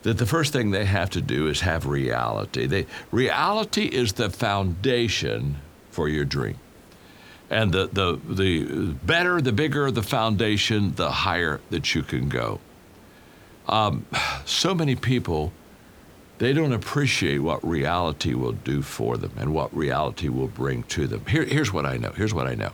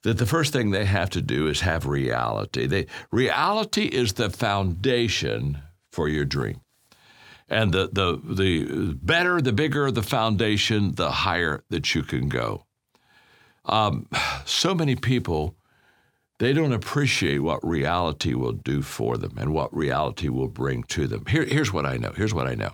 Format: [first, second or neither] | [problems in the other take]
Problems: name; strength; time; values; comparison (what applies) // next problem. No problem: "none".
second | hiss; faint; throughout; 25 dB below the speech